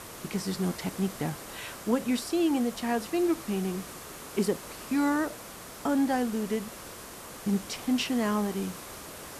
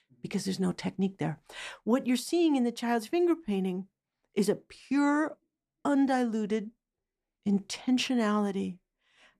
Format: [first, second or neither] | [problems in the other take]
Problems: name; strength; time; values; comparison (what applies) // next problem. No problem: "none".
second | hiss; noticeable; throughout; 10 dB below the speech